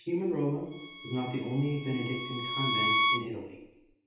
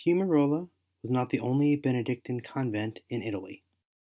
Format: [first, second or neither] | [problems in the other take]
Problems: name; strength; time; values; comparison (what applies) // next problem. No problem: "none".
second | background sound (Bowed string instrument); as loud as the speech // room echo; dies away in 0.8 s